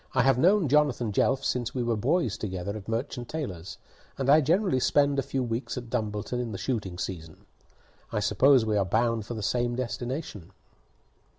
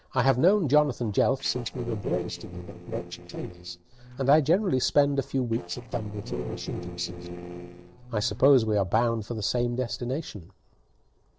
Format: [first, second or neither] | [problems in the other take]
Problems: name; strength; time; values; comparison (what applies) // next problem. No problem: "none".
first | noise reduction (neural separator model SepFormer DNS4)